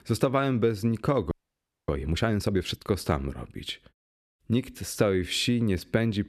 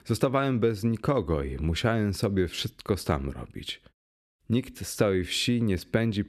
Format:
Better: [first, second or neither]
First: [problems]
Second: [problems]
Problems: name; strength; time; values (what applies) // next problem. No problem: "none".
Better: second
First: audio freezing; at 1.5 s for 0.5 s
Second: none